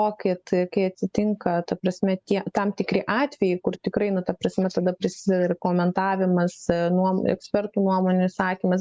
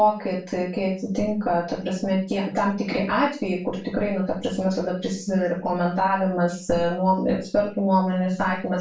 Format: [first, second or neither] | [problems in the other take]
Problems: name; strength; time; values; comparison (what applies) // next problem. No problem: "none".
first | room echo; dies away in 0.3 s